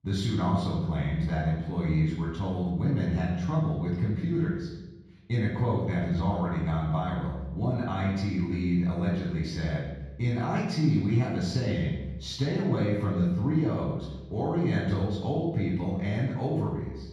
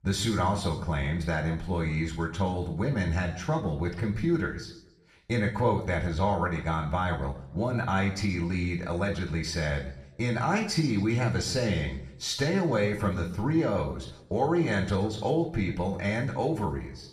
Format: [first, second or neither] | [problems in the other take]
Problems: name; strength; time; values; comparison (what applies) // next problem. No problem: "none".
second | room echo; strong; dies away in 1.3 s; slight in the second // off-mic speech; far; somewhat distant in the second